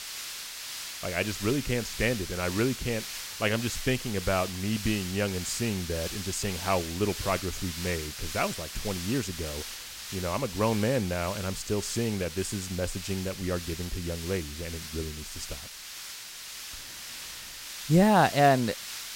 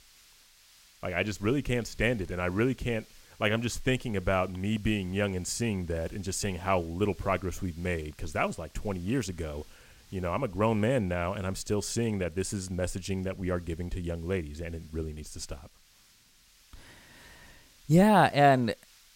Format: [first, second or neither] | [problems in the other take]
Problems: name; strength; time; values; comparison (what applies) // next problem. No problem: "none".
second | hiss; loud; throughout; 8 dB below the speech; faint in the second